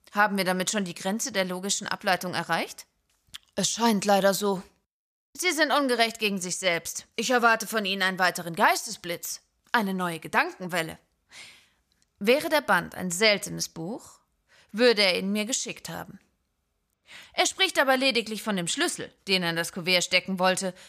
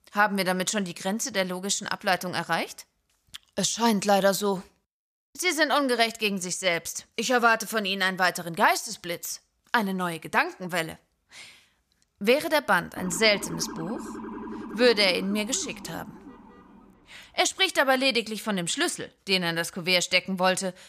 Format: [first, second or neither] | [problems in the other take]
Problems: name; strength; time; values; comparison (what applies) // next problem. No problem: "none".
first | siren; faint; from 13 to 17 s; peak 10 dB below the speech